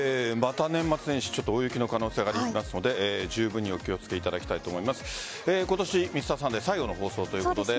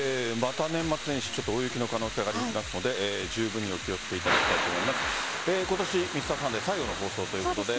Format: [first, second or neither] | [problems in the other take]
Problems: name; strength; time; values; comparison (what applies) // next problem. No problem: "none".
first | background sound (Thunder / Rain); 3 dB below the speech